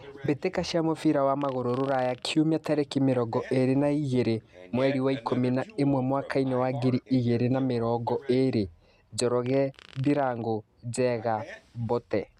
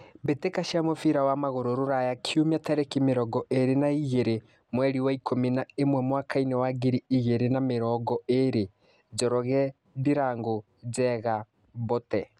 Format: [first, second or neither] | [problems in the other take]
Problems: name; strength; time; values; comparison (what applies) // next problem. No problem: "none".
second | background sound (Fart); 20 dB below the speech